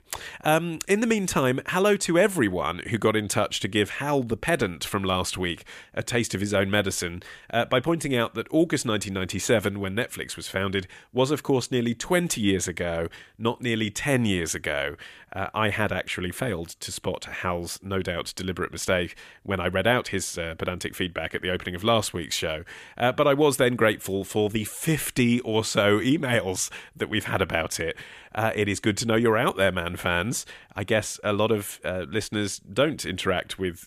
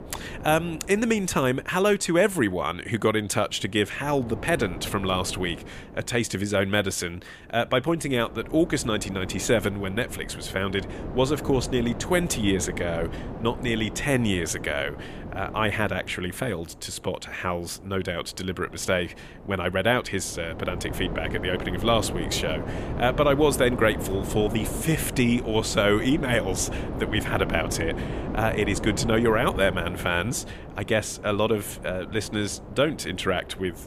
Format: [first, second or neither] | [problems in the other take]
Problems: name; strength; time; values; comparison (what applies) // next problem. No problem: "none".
first | wind noise on the microphone; occasional gusts; 15 dB below the speech